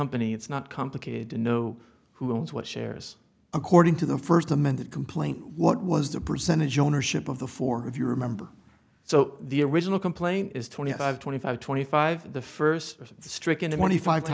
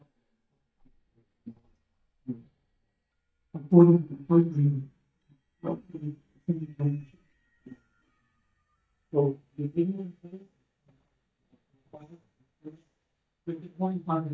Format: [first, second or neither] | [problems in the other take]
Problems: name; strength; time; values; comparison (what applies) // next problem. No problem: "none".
first | noise reduction (neural mask model DeepFilterNet 3)